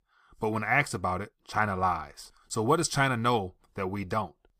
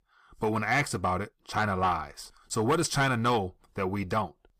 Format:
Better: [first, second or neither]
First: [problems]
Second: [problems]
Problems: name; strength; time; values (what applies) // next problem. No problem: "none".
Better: first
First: none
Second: distortion; slight; 10 dB below the speech